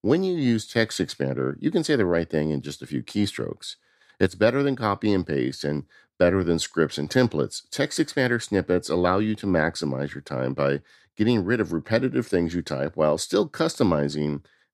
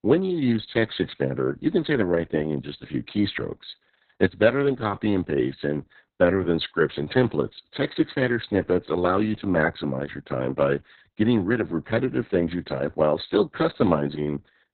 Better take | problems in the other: first | garbled, watery; badly; nothing above 4 kHz

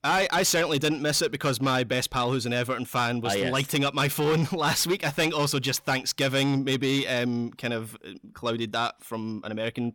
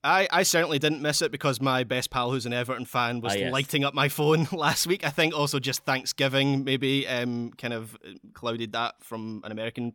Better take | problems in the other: second | distortion; slight; 10 dB below the speech

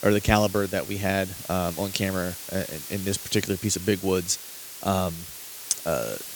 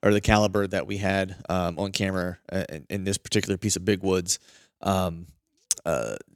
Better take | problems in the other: second | hiss; loud; throughout; 10 dB below the speech

